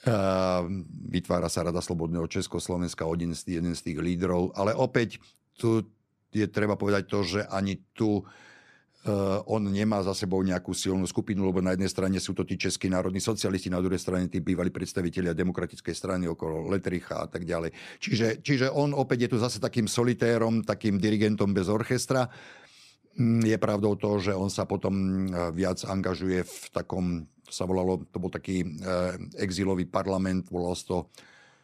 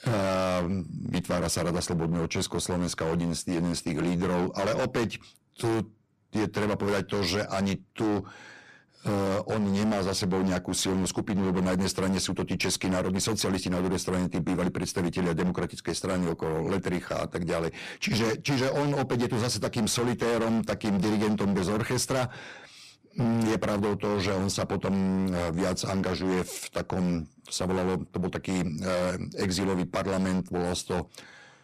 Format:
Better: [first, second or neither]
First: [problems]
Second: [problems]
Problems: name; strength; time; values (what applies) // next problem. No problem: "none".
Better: first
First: none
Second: distortion; heavy; 19% of the sound clipped